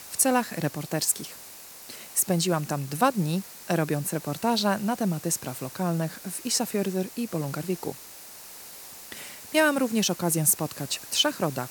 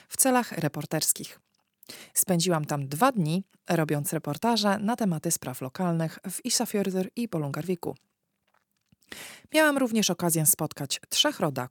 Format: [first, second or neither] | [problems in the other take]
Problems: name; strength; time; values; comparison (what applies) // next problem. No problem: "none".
second | hiss; noticeable; throughout; 15 dB below the speech